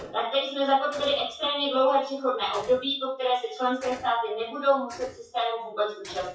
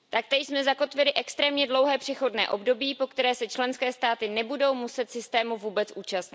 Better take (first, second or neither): second